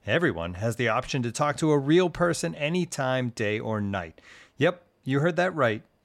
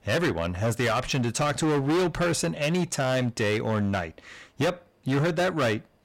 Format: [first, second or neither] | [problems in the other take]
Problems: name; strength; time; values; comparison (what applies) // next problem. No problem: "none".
first | distortion; heavy; 19% of the sound clipped